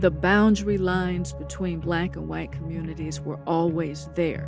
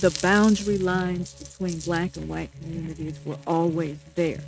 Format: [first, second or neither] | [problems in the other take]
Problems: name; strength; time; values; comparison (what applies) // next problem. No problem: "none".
first | noise reduction (neural mask model RNNoise)